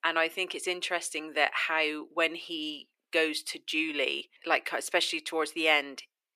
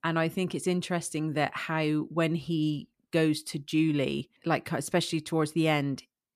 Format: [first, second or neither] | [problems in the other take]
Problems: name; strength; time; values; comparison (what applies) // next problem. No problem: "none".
second | thin; very; fading below 400 Hz